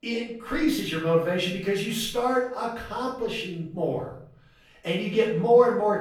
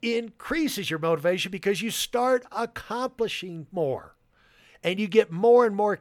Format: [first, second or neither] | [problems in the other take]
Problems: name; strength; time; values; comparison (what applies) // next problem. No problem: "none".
second | off-mic speech; far // room echo; noticeable; dies away in 0.5 s